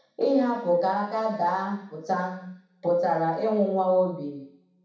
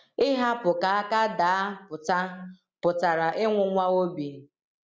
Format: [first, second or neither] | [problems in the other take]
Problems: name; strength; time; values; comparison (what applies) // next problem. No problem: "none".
second | room echo; dies away in 0.7 s